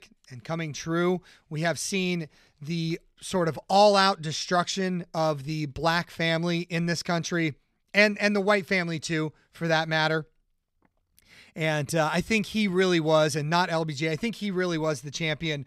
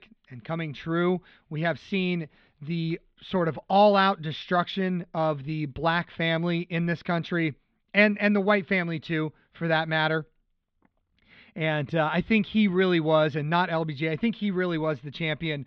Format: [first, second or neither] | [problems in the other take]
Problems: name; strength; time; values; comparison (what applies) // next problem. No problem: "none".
first | muffled; slightly; fading above 3.5 kHz